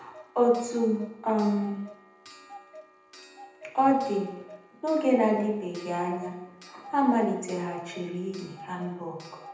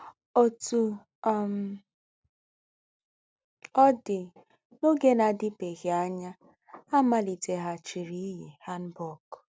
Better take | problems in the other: second | background sound (Clock); 20 dB below the speech // room echo; dies away in 0.9 s

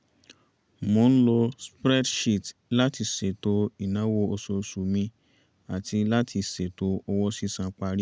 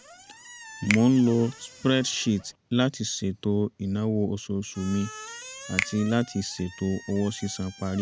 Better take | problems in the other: first | background sound (Finger snapping + Squeak); 13 dB below the speech

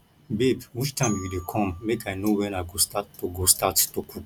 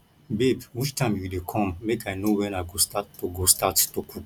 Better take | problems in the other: second | background sound (Glockenspiel); 17 dB below the speech

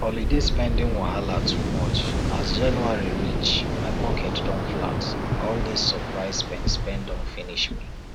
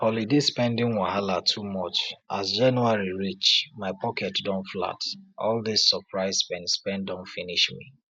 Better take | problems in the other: second | background sound (Waves, surf); 3 dB above the speech

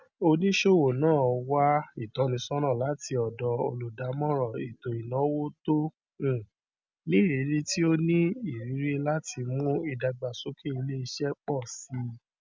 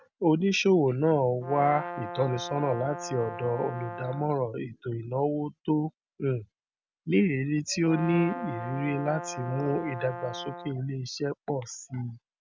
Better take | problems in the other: first | background sound (Brass instrument); 10 dB below the speech

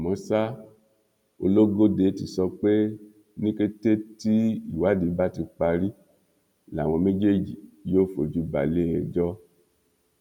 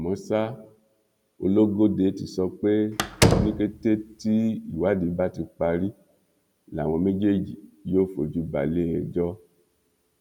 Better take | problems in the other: first | background sound (Slam); 1 dB above the speech

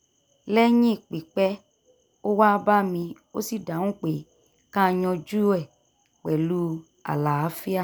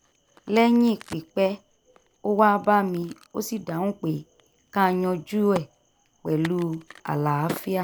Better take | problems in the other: first | background sound (Crack); 19 dB below the speech

